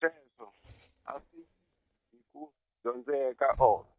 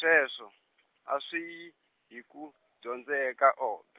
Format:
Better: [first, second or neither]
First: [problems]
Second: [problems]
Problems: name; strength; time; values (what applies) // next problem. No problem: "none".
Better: second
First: noise reduction (neural mask model DeepFilterNet 3)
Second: none